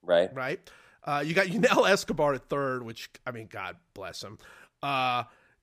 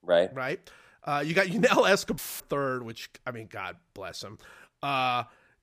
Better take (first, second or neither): first